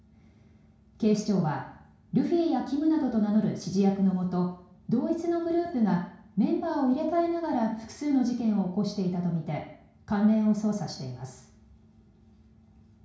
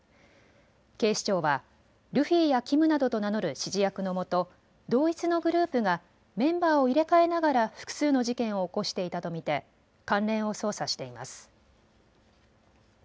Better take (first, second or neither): second